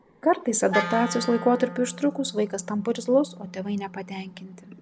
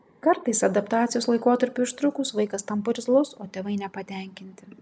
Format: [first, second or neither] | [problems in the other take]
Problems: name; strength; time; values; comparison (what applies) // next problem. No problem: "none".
second | background sound (Wind instrument, woodwind instrument); 11 dB below the speech